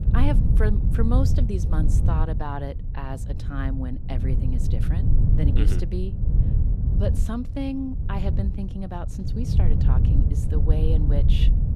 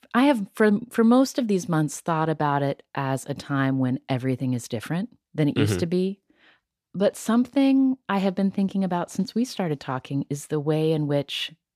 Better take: second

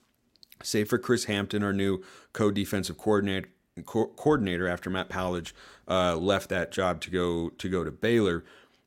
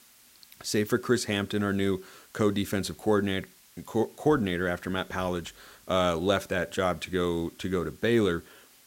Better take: first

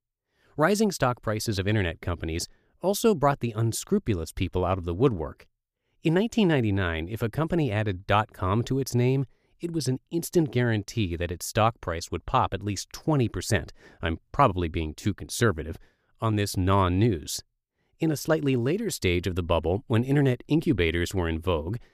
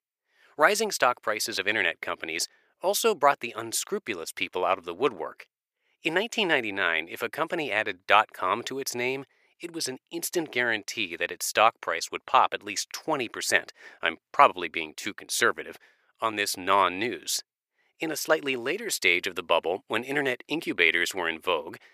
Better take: first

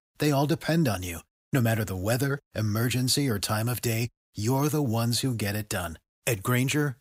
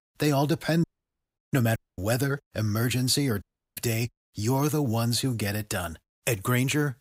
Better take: first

